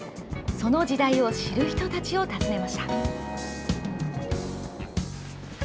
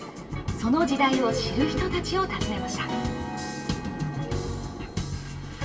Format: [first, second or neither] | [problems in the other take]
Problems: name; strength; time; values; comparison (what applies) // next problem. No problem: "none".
first | room echo; dies away in 1.4 s